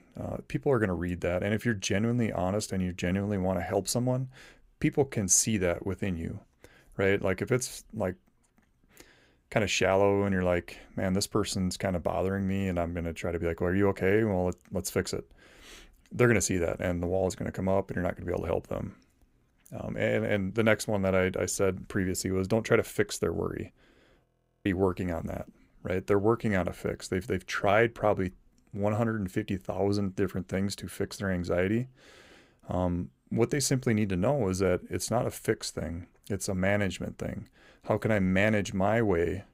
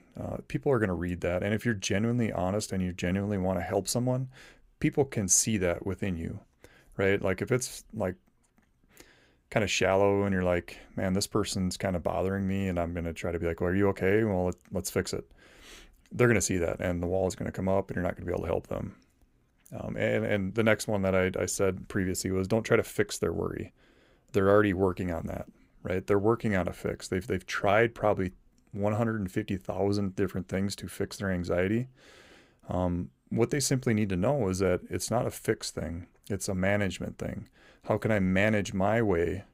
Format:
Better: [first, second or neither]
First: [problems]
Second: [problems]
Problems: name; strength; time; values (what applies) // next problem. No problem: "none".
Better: second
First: audio freezing; at 24 s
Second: none